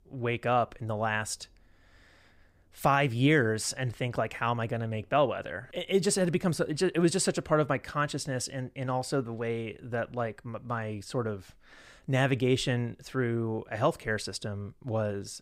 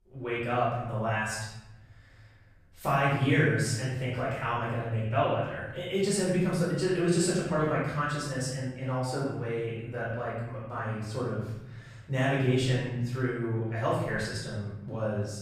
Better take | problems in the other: first | off-mic speech; far // room echo; noticeable; dies away in 1 s

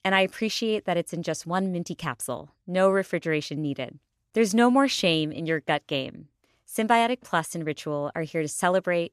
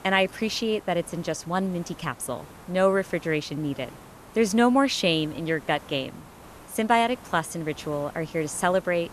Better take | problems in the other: first | hiss; faint; throughout; 20 dB below the speech

